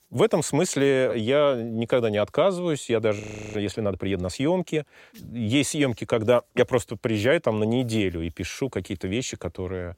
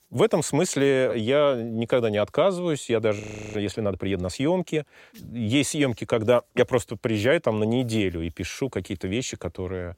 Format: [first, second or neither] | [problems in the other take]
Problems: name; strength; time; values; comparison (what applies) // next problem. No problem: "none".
neither | audio freezing; at 3 s; the same in both